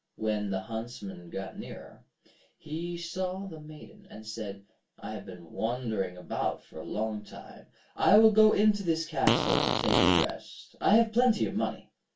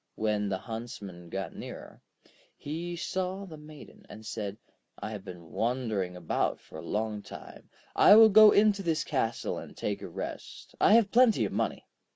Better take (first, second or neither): second